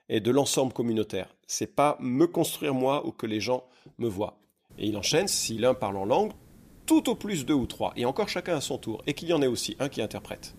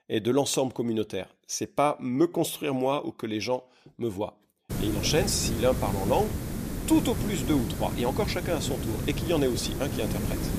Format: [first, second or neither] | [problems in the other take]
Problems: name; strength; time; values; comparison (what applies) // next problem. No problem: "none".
first | hiss; loud; from 4.5 s on; 4 dB below the speech; faint in the first